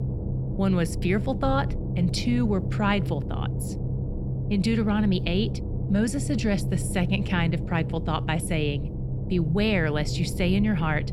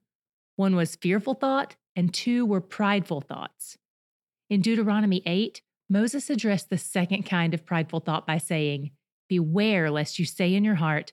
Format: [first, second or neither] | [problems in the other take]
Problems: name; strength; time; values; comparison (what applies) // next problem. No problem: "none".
second | low rumble; noticeable; throughout; 10 dB below the speech